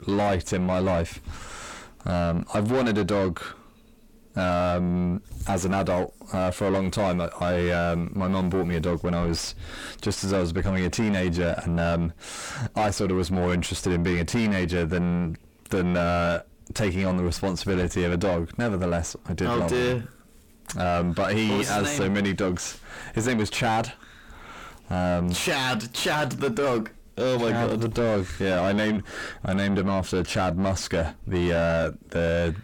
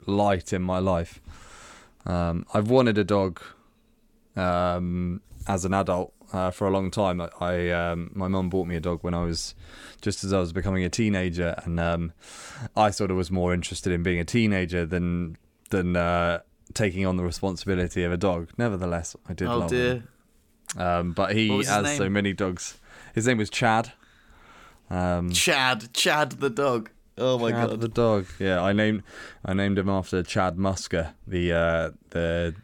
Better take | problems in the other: second | distortion; heavy; 5 dB below the speech

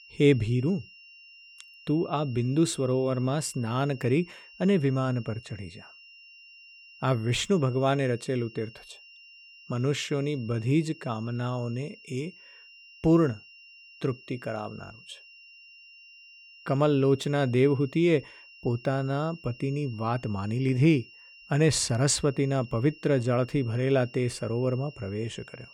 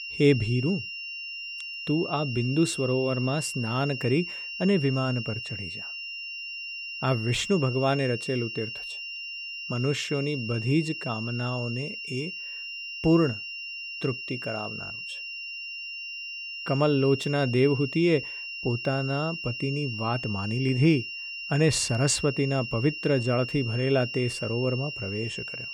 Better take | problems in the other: first | high-pitched whine; loud; throughout; 3 kHz, 7 dB below the speech; faint in the first

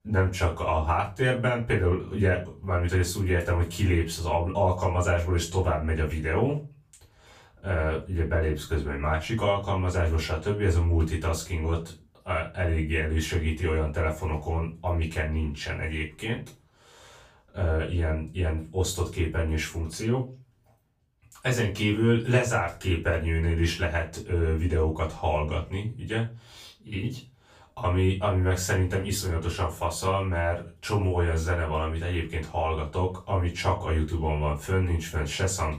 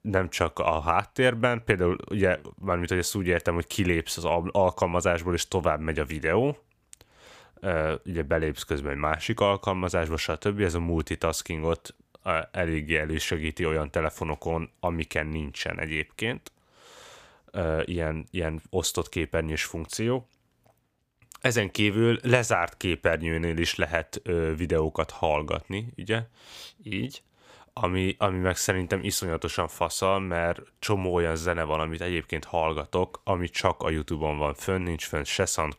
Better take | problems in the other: second | off-mic speech; far // room echo; slight; dies away in 0.3 s

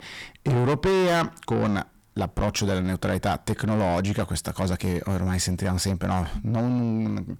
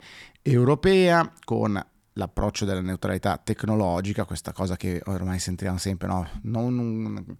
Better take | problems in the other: second | distortion; heavy; 7 dB below the speech

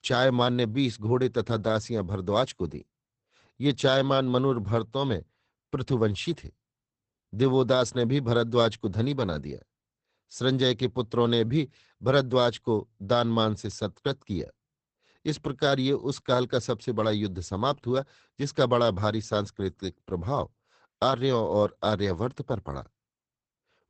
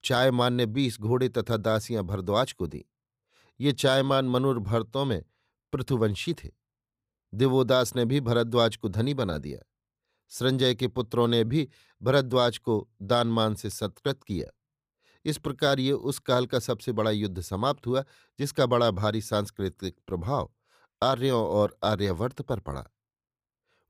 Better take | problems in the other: second | garbled, watery; badly; nothing above 8 kHz

